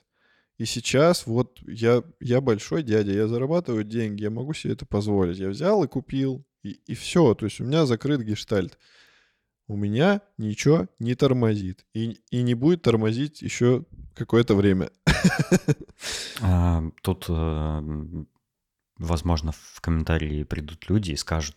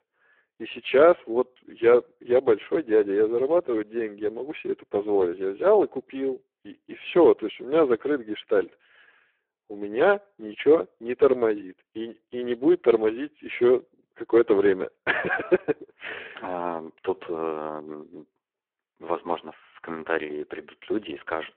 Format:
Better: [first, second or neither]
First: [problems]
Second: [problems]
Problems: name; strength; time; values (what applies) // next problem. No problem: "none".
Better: first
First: none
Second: phone-call audio; poor line